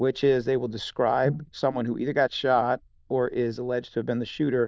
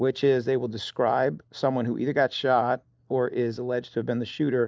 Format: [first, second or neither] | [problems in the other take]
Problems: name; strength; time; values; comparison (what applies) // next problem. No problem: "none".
second | noise reduction (neural diffusion model UNIVERSE++)